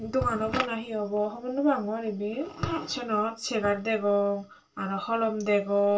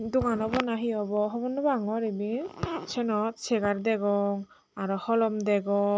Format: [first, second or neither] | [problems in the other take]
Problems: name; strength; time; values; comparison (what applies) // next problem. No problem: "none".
second | room echo; dies away in 0.2 s